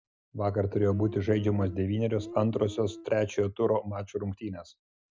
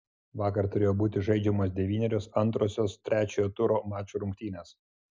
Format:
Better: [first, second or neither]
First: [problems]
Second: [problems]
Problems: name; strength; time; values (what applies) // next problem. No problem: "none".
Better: second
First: background sound (Guitar); 14 dB below the speech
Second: none